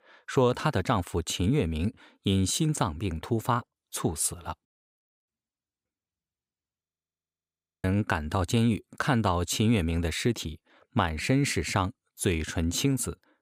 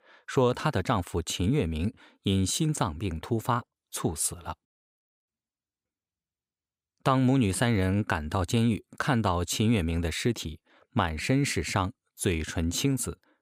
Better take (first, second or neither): second